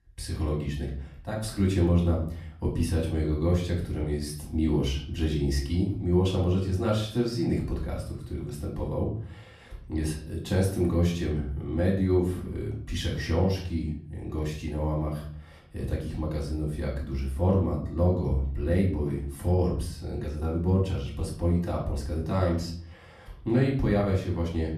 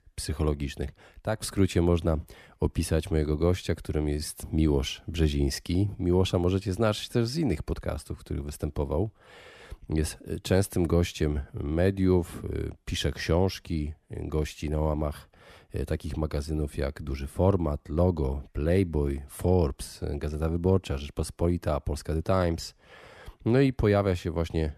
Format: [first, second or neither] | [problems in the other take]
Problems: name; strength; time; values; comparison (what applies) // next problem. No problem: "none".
second | off-mic speech; far // room echo; slight; dies away in 0.5 s